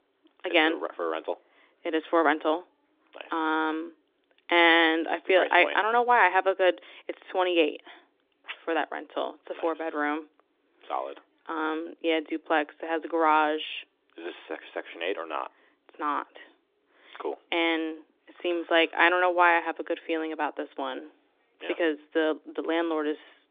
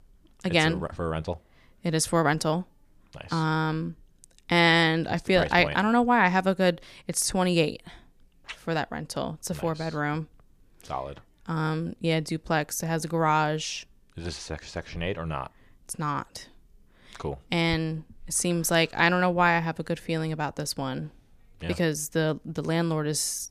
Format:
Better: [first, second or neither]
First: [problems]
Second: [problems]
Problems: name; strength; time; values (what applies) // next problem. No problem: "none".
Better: second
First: phone-call audio; nothing above 3 kHz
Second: none